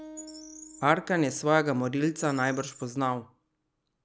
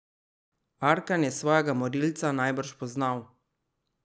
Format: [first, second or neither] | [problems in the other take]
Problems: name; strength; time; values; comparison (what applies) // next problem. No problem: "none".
second | background sound (Bird + Acoustic guitar); 20 dB below the speech